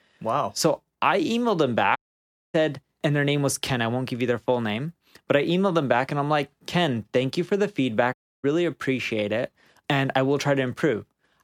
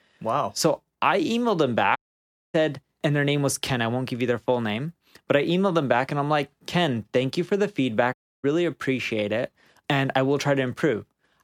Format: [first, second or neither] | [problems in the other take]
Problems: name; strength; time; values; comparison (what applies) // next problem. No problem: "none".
neither | audio cutting out; at 2 s for 0.5 s and at 8 s; the same in both